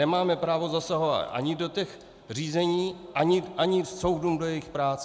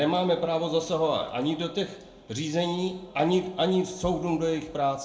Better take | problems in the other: first | room echo; dies away in 0.4 s

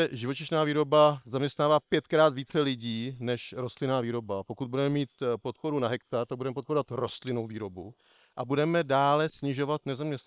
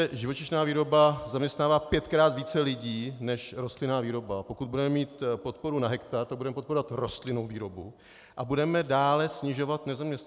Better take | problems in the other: second | noise reduction (neural separator model SepFormer WHAM!)

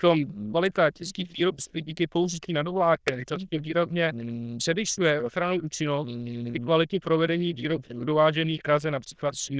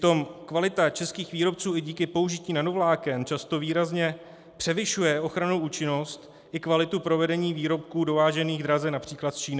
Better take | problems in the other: second | noise reduction (neural diffusion model UNIVERSE++)

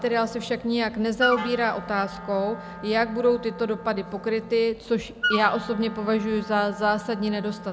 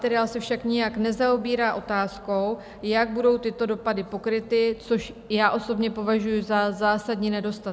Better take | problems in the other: second | background sound (Wind instrument, woodwind instrument); 10 dB below the speech

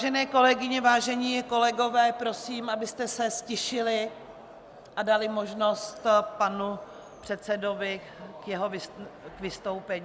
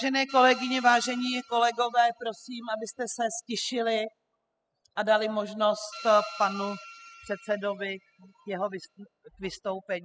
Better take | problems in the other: first | noise reduction (classical method spectral subtraction)

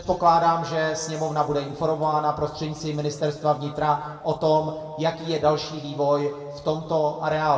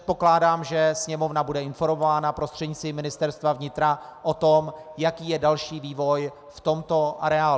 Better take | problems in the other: second | room echo; dies away in 1.5 s

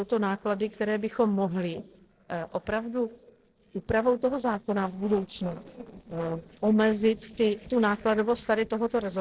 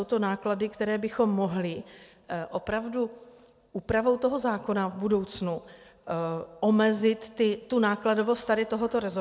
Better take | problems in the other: second | noise reduction (neural separator model SepFormer DNS4)

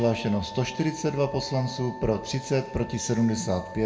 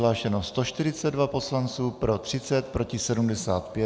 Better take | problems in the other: second | background sound (Wind instrument, woodwind instrument); 15 dB below the speech // room echo; dies away in 0.5 s

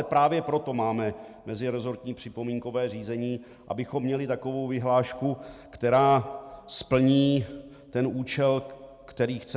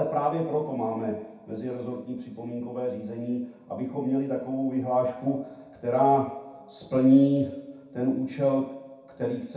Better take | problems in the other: first | room echo; dies away in 0.7 s

